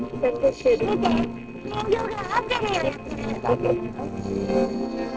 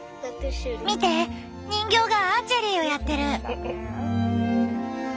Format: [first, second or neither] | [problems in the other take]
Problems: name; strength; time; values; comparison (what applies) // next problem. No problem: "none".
second | noise reduction (neural separator model SepFormer DNS4)